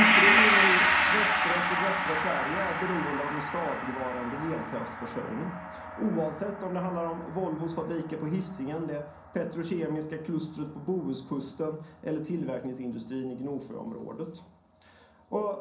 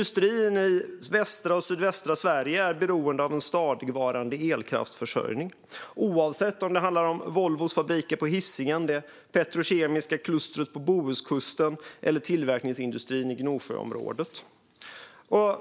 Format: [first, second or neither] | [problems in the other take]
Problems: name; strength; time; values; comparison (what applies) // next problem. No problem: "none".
second | background sound (Gong); 3 dB above the speech // room echo; dies away in 0.6 s